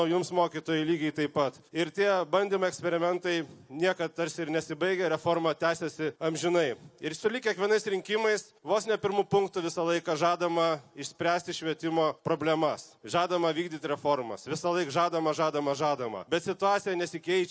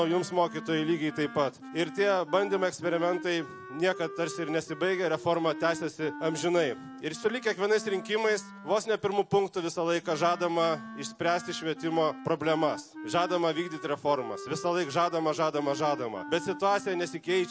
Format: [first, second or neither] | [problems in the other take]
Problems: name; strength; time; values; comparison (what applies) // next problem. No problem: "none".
first | background sound (Wind instrument, woodwind instrument); 14 dB below the speech